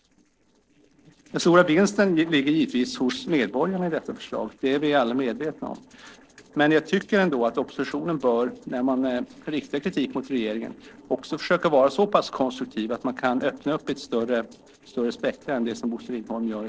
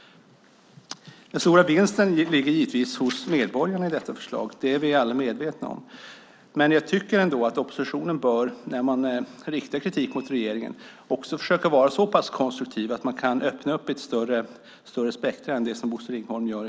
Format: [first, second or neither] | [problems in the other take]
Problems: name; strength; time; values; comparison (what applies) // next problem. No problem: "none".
second | noise reduction (neural separator model SepFormer DNS4)